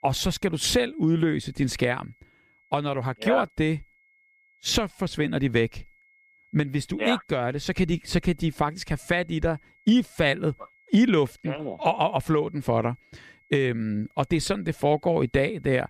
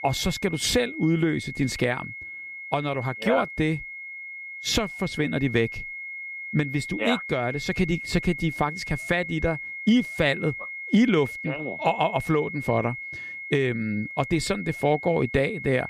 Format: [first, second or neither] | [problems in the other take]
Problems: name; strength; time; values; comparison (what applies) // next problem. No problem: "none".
first | high-pitched whine; loud; throughout; 2 kHz, 9 dB below the speech; faint in the first